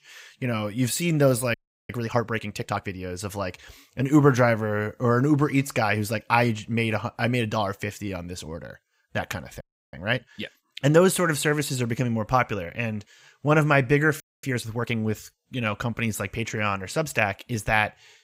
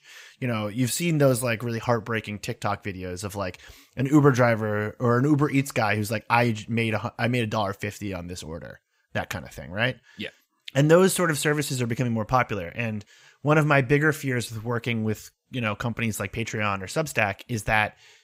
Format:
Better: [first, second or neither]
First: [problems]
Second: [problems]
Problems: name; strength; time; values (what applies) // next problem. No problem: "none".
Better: second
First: audio freezing; at 1.5 s, at 9.5 s and at 14 s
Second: none